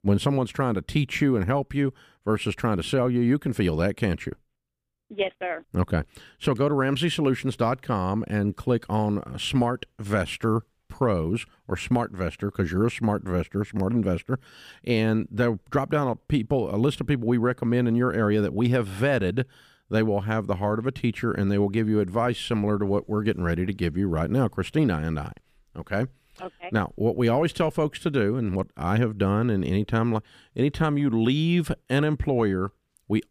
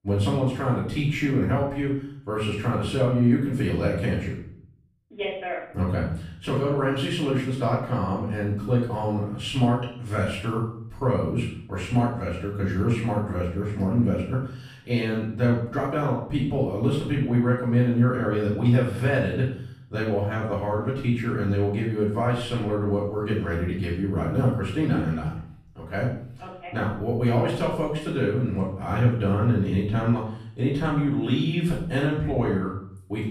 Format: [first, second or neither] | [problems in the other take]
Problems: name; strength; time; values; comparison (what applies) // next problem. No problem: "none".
first | off-mic speech; far // room echo; noticeable; dies away in 0.5 s